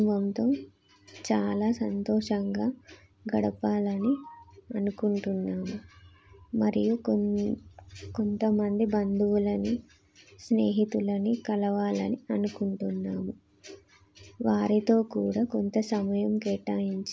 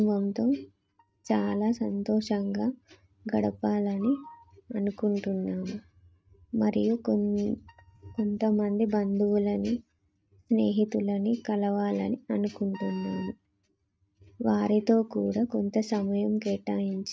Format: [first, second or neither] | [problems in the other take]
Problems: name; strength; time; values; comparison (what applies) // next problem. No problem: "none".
first | noise reduction (neural mask model RNNoise)